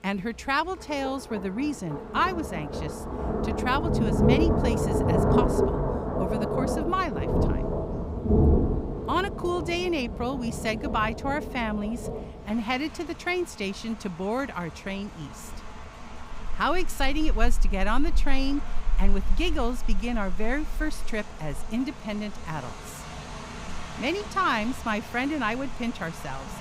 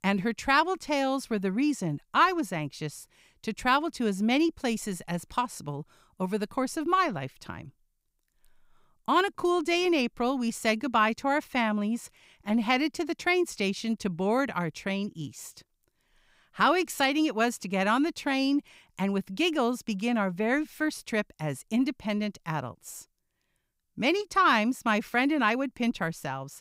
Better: second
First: rain or running water; loud; throughout; as loud as the speech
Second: none

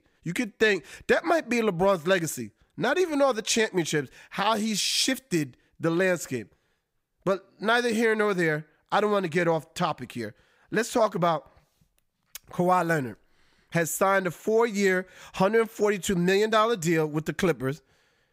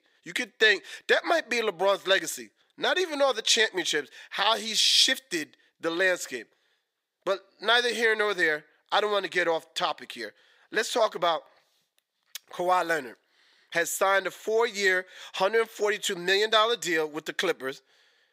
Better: first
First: none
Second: thin; somewhat; fading below 450 Hz

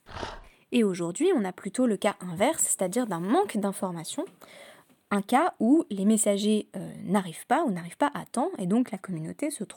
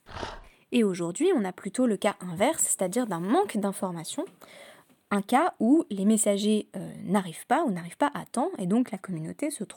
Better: neither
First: dog barking; faint; at the start; peak 10 dB below the speech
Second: dog barking; faint; at the start; peak 10 dB below the speech

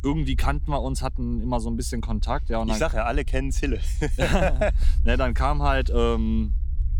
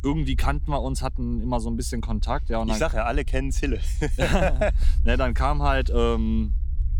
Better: neither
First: low rumble; faint; throughout; 25 dB below the speech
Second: low rumble; faint; throughout; 25 dB below the speech

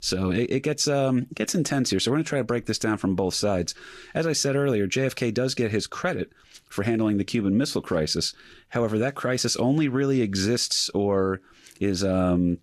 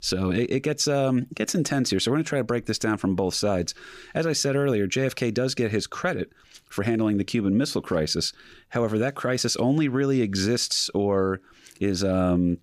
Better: second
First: garbled, watery; slightly; nothing above 12.5 kHz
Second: none

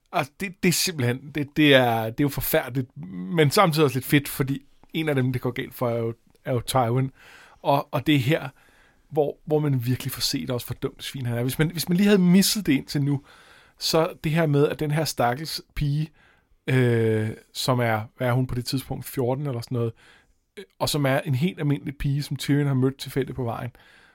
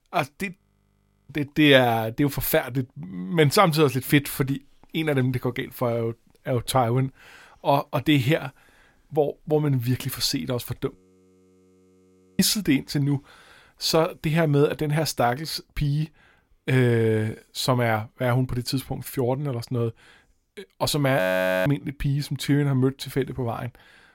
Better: first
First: none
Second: audio freezing; at 0.5 s for 0.5 s, at 11 s for 1.5 s and at 21 s

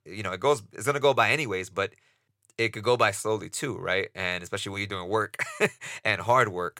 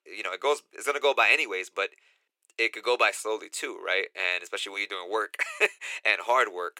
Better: first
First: none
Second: thin; very; fading below 350 Hz

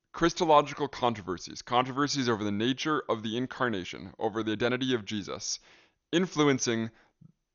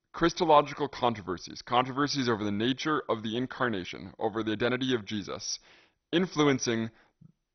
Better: first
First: garbled, watery; slightly; nothing above 6.5 kHz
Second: garbled, watery; badly; nothing above 6 kHz

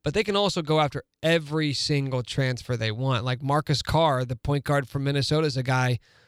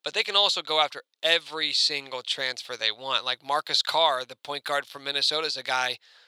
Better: first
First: none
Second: thin; very; fading below 750 Hz

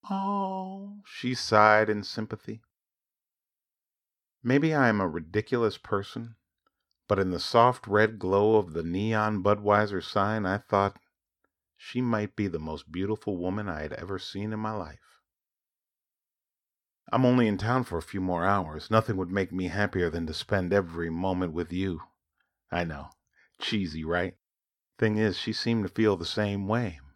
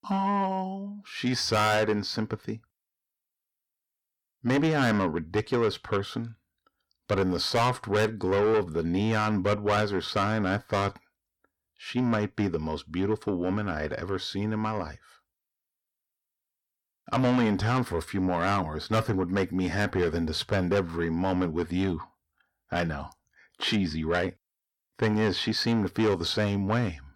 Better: first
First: none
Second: distortion; heavy; 6 dB below the speech

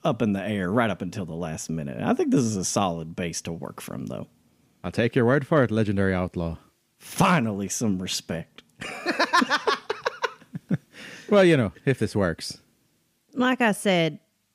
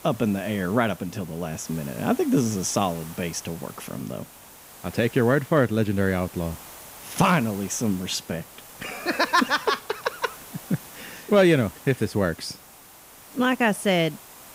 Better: first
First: none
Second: hiss; noticeable; throughout; 20 dB below the speech

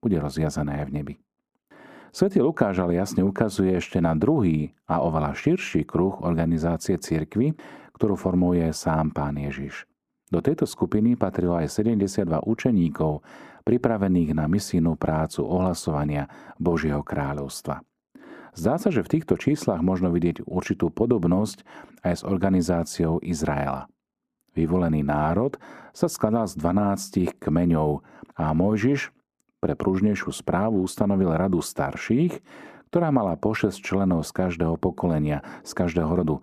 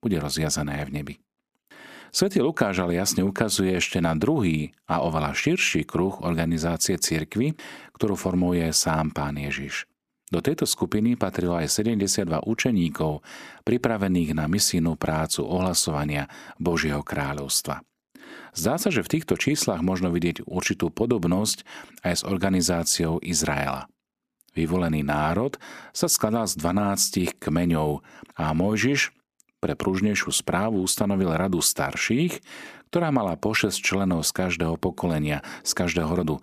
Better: second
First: muffled; slightly; fading above 1.5 kHz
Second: none

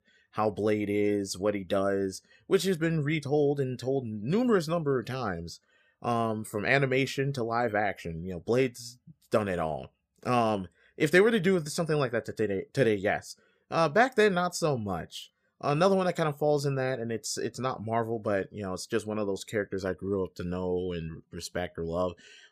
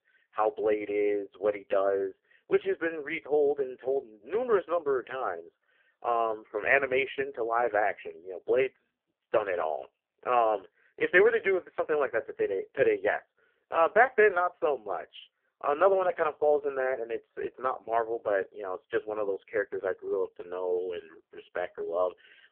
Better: first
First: none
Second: phone-call audio; poor line

